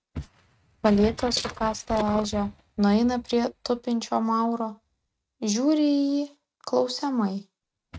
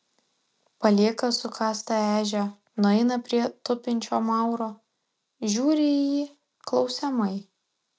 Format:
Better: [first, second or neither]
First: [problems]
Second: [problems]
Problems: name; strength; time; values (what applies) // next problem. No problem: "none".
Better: second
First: noise reduction (neural mask model RNNoise)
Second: none